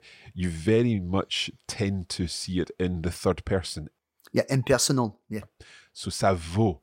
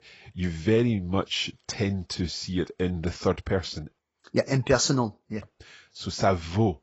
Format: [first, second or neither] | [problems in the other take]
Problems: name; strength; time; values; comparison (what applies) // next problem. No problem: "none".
first | garbled, watery; badly; nothing above 7.5 kHz